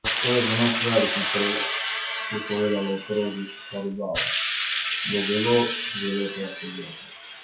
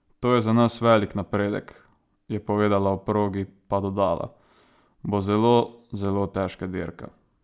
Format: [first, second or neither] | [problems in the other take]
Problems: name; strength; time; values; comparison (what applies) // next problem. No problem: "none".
second | noise reduction (classical method WPE with log-MMSE)